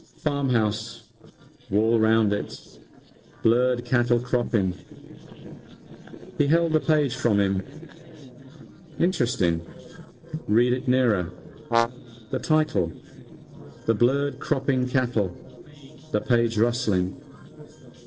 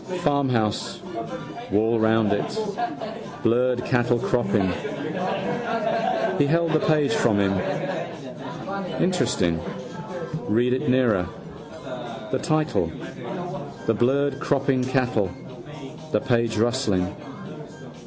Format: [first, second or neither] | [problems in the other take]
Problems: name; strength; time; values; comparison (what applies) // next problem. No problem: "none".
second | noise reduction (neural separator model SepFormer DNS4)